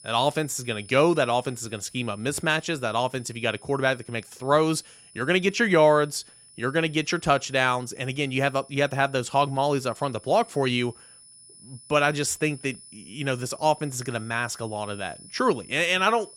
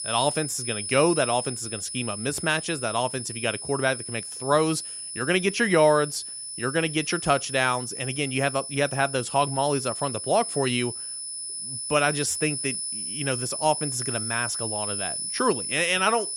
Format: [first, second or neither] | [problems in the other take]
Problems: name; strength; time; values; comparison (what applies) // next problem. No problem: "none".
first | high-pitched whine; loud; throughout; 10 kHz, 5 dB below the speech; faint in the first